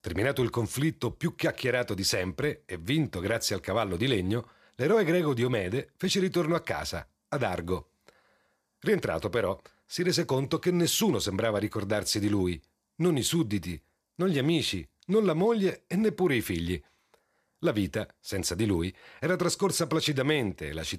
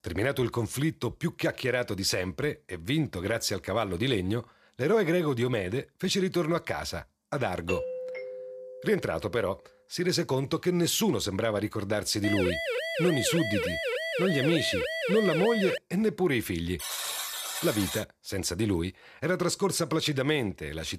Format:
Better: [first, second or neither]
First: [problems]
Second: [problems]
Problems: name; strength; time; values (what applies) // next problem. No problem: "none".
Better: first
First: none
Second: doorbell; noticeable; from 7.5 to 9 s; peak 5 dB below the speech // siren; noticeable; from 12 to 16 s; peak 1 dB below the speech // alarm; noticeable; from 17 to 18 s; peak 2 dB below the speech